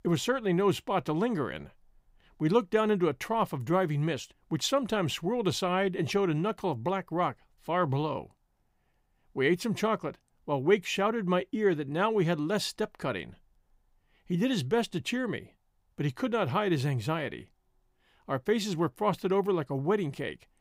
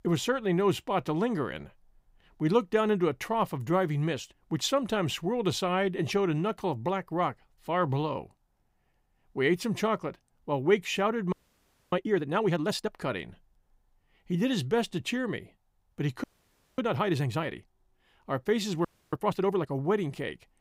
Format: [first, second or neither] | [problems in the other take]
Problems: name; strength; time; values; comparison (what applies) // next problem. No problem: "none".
first | audio freezing; at 11 s for 0.5 s, at 16 s for 0.5 s and at 19 s